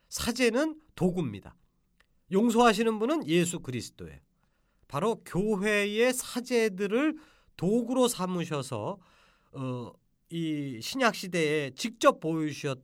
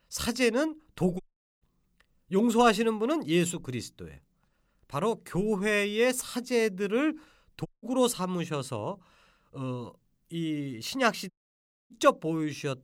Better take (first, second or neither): first